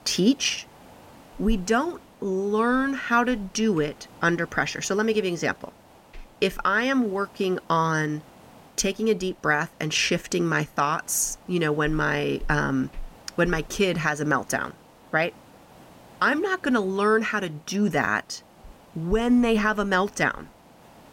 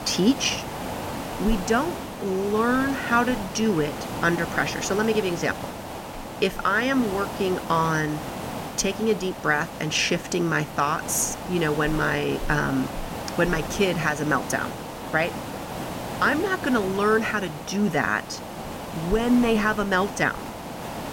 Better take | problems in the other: first | hiss; loud; throughout; 9 dB below the speech; faint in the first

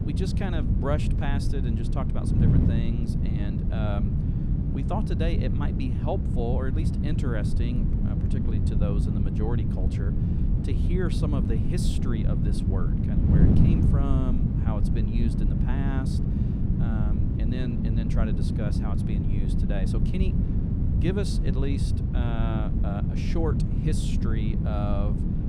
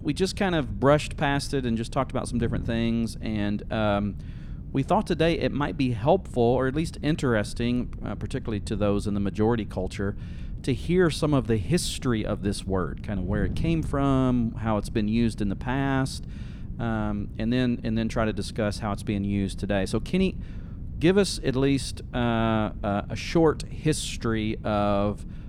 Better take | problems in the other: second | wind noise on the microphone; heavy; as loud as the speech; occasional gusts in the second

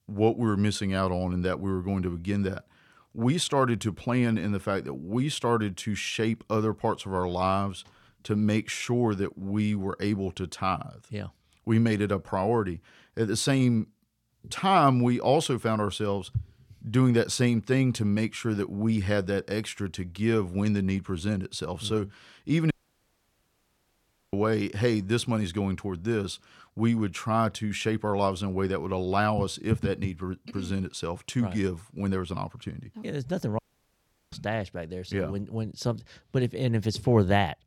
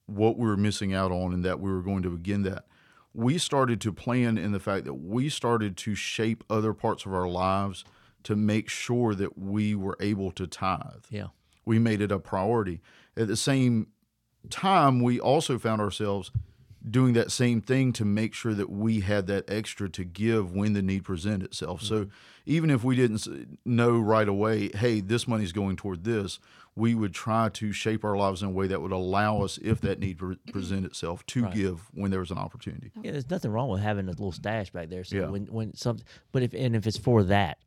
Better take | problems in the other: second | audio cutting out; at 23 s for 1.5 s and at 34 s for 0.5 s

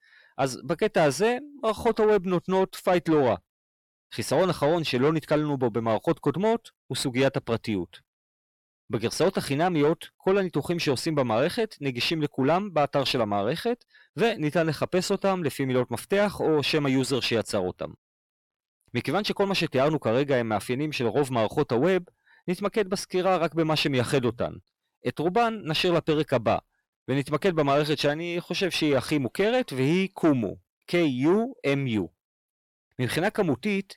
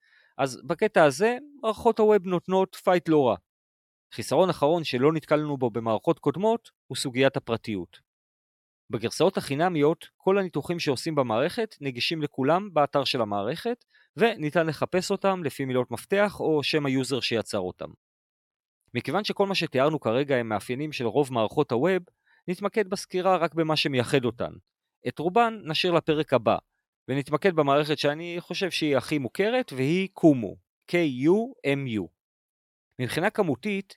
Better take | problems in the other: second | distortion; slight; 10 dB below the speech

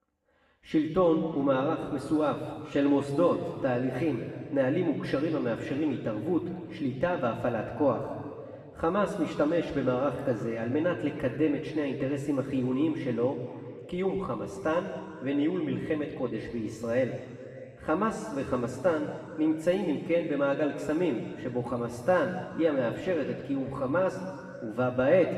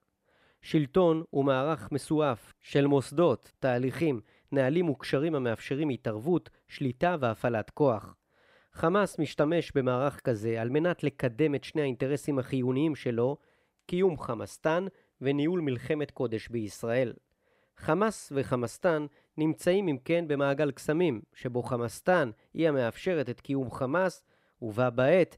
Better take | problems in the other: second | room echo; noticeable; dies away in 2.4 s // off-mic speech; far

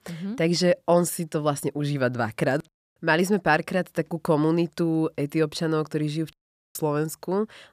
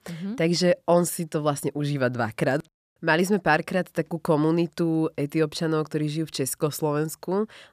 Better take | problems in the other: second | audio cutting out; at 6.5 s

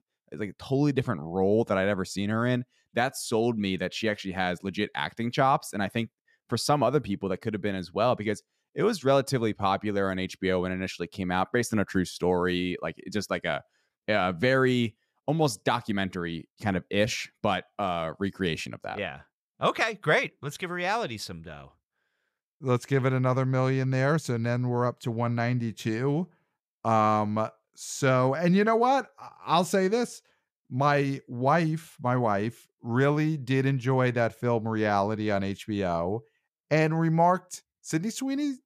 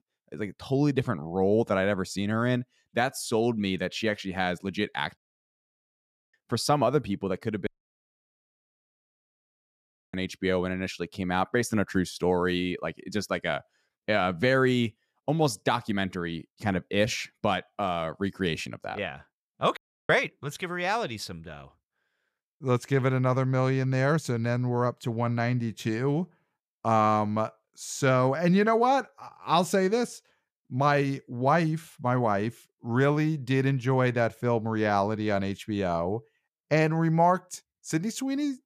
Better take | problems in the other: first | audio cutting out; at 5 s for 1 s, at 7.5 s for 2.5 s and at 20 s

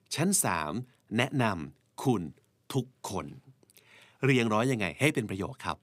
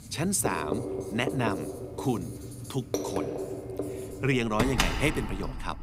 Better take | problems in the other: first | household noises; loud; throughout; 3 dB below the speech

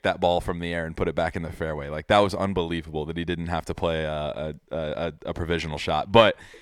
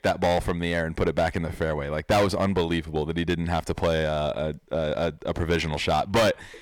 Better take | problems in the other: first | distortion; heavy; 6% of the sound clipped

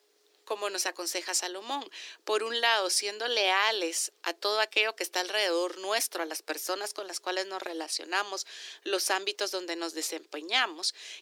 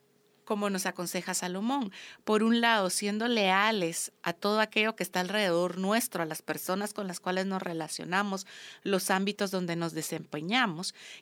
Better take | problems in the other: second | thin; very; fading below 300 Hz

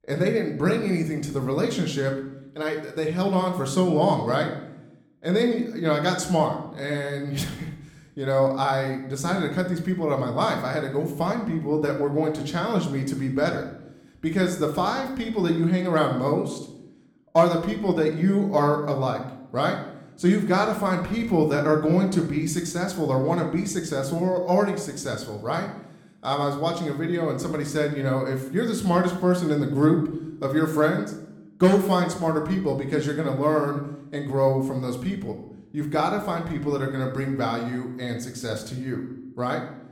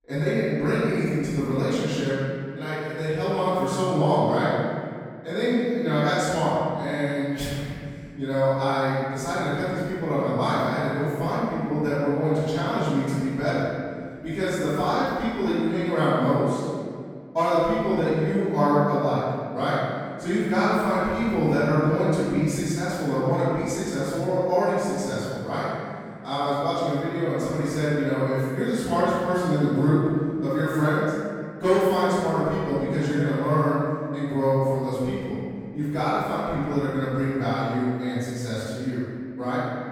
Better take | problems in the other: first | room echo; strong; dies away in 1.9 s; slight in the first // off-mic speech; far

